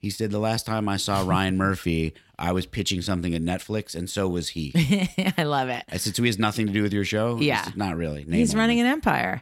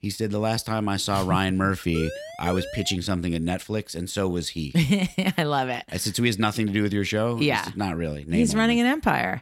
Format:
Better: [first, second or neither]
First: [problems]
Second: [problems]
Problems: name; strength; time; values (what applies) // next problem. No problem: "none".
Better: first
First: none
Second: siren; noticeable; from 2 to 3 s; peak 10 dB below the speech